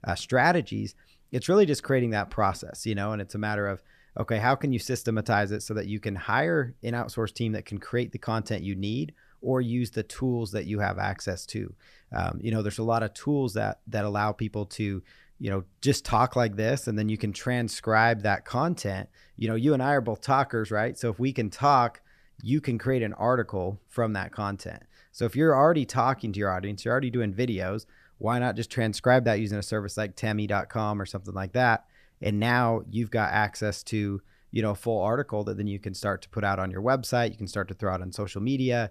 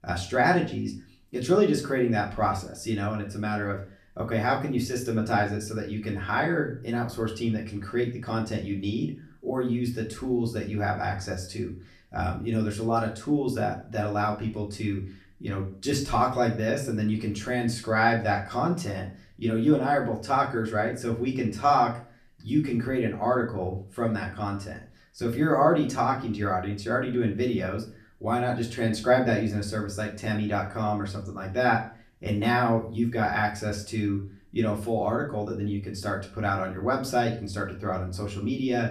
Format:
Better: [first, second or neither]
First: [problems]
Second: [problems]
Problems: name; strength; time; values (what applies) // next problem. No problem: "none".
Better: first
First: none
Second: room echo; slight; dies away in 0.4 s // off-mic speech; far